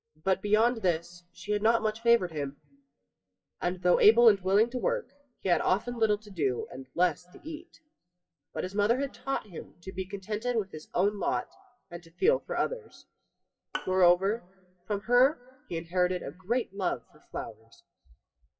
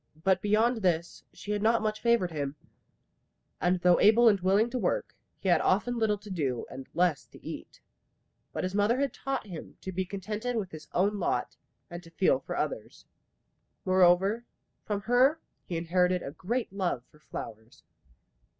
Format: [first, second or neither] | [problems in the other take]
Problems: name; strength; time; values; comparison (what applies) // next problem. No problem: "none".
second | noise reduction (classical method WPE with log-MMSE)